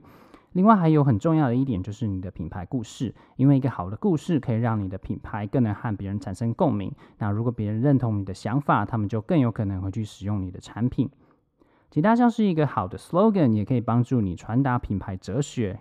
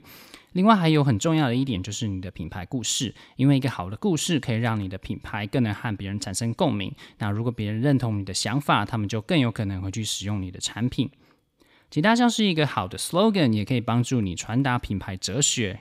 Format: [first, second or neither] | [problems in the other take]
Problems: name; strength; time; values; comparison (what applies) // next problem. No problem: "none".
second | muffled; very; fading above 1.5 kHz